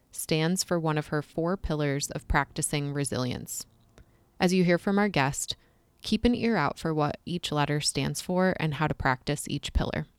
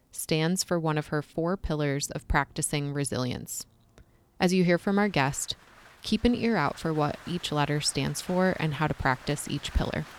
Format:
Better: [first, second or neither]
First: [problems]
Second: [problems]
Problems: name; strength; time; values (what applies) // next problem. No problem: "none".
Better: first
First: none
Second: rain or running water; faint; throughout; 20 dB below the speech